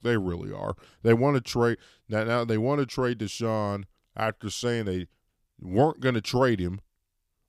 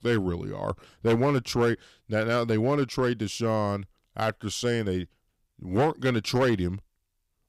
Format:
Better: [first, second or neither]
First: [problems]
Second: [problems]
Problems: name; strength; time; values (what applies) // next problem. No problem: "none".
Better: first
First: none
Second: distortion; slight; 4% of the sound clipped